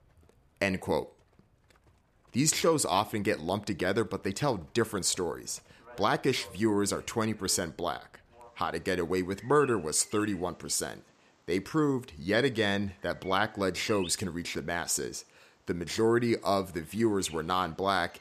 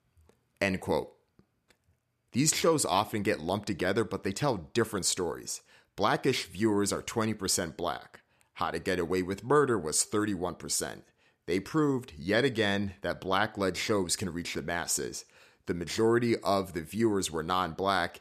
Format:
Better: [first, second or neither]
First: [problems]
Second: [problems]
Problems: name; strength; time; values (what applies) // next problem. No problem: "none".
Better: second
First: animal sounds; faint; throughout; 25 dB below the speech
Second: none